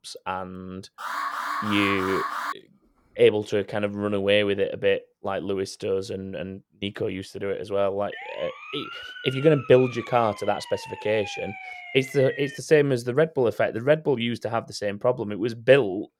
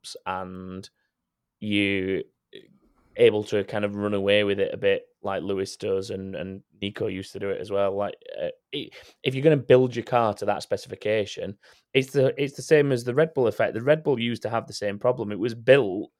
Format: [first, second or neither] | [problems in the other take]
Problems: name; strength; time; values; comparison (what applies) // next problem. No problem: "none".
second | alarm; noticeable; from 1 to 2.5 s; peak 4 dB below the speech // siren; faint; from 8 to 13 s; peak 10 dB below the speech